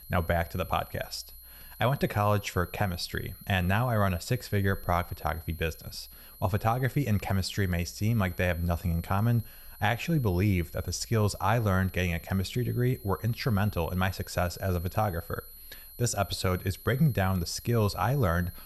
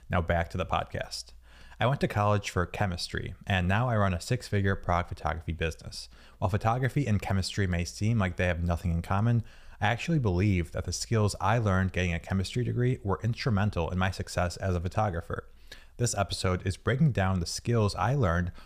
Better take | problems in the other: second | high-pitched whine; noticeable; throughout; 12 kHz, 20 dB below the speech

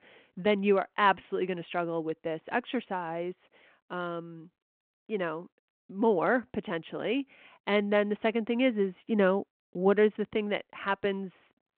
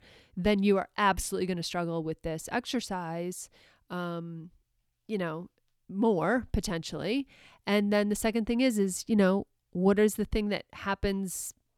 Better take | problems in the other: second | phone-call audio

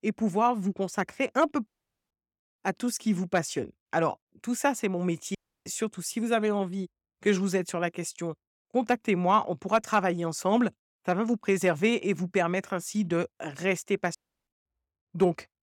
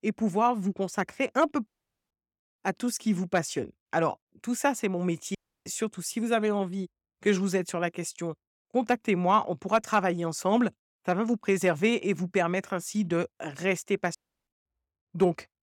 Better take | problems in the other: neither | audio cutting out; at 1.5 s, at 5.5 s and at 14 s; the same in both

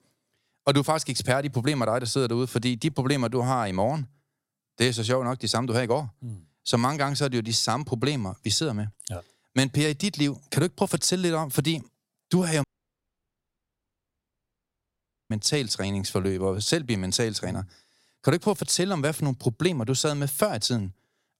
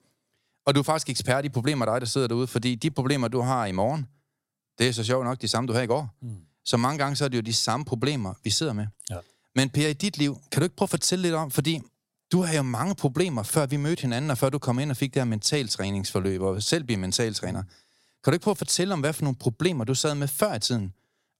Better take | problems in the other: second | audio cutting out; at 13 s for 2.5 s

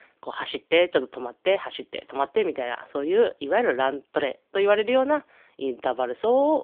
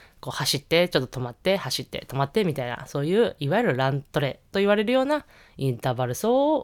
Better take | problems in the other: second | phone-call audio; nothing above 3.5 kHz

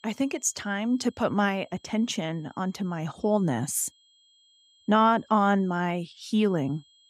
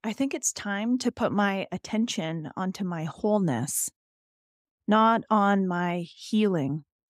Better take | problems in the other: second | high-pitched whine; faint; throughout; 3.5 kHz, 35 dB below the speech

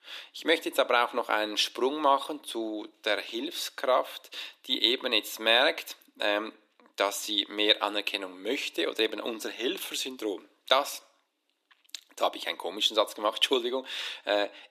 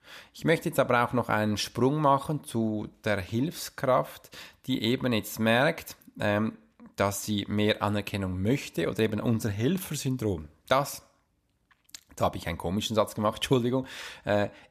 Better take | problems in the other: second | thin; somewhat; fading below 300 Hz

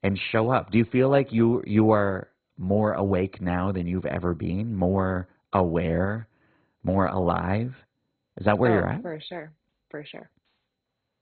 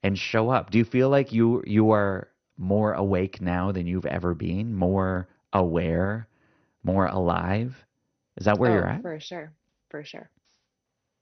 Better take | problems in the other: second | garbled, watery; badly; nothing above 4 kHz; slightly in the second

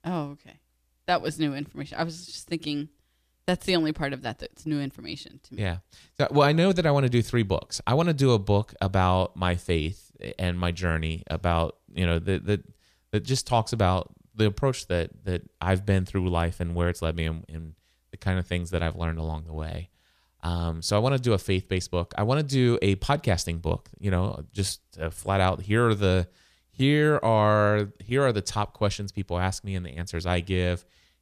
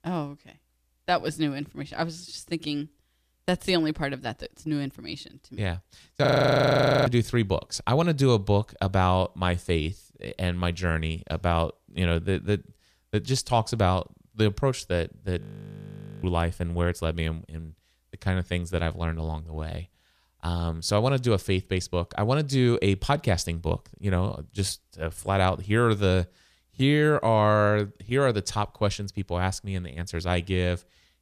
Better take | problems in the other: first | audio freezing; at 6.5 s for 1 s and at 15 s for 1 s

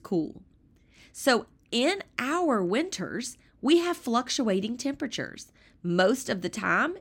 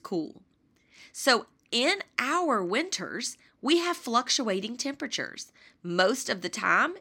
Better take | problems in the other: first | thin; very slightly; fading below 300 Hz

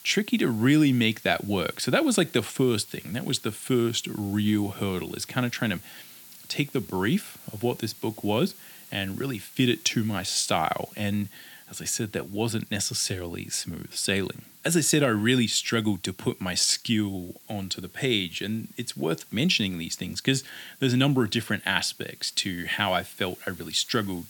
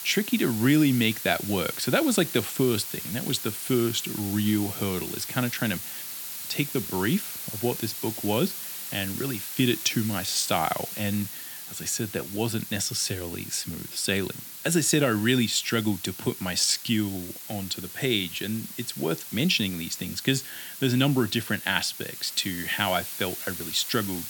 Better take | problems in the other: first | hiss; loud; throughout; 8 dB below the speech; faint in the first

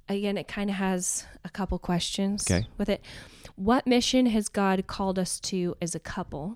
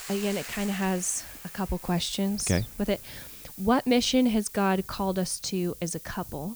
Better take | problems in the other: first | hiss; noticeable; throughout; 15 dB below the speech

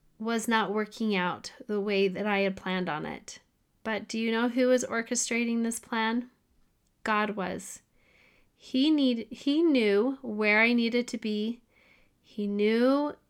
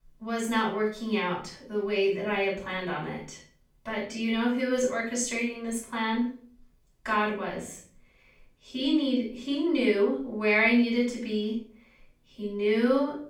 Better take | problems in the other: first | off-mic speech; far // room echo; noticeable; dies away in 0.4 s

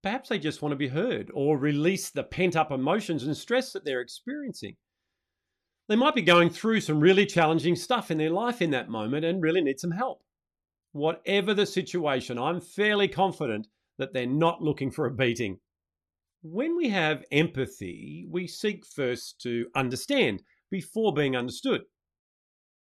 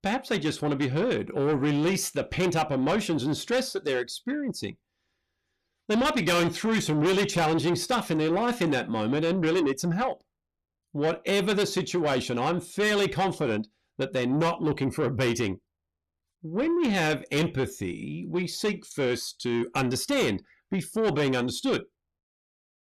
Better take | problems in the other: first | distortion; heavy; 7 dB below the speech

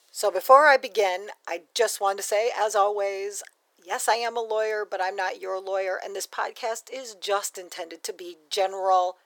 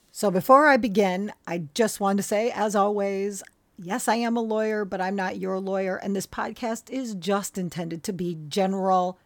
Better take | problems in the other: second | thin; very; fading below 400 Hz

